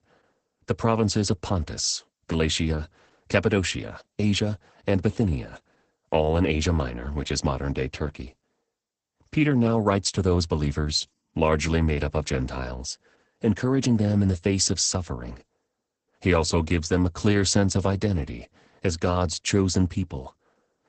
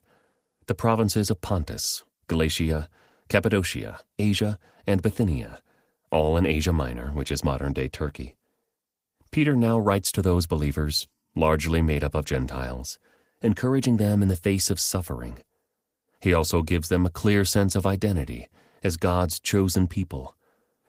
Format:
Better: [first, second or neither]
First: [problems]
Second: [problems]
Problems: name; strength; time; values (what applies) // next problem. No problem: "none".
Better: second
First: garbled, watery; badly; nothing above 8 kHz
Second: garbled, watery; slightly; nothing above 15.5 kHz